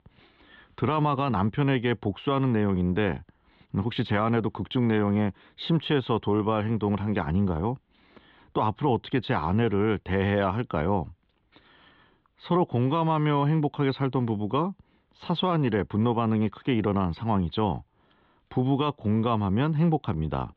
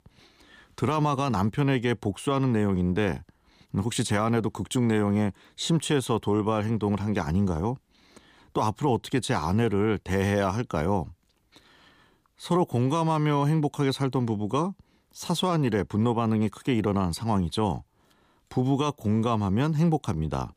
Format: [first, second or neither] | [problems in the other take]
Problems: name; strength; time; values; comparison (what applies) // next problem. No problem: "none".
second | muffled; very; fading above 3.5 kHz